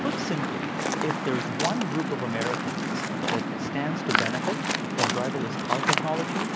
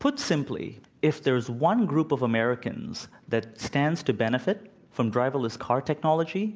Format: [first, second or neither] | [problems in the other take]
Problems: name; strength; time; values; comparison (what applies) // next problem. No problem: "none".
second | background sound (Waves, surf); 4 dB above the speech